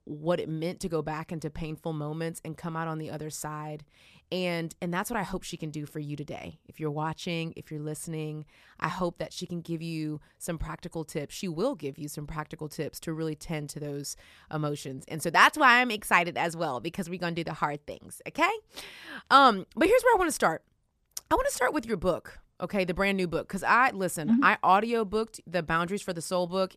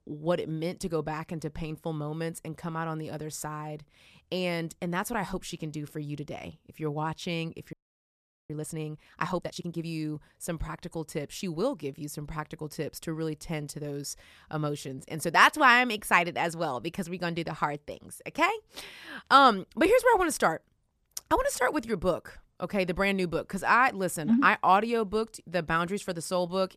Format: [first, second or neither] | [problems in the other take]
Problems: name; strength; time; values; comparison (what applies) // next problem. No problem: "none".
first | audio freezing; at 7.5 s for 1 s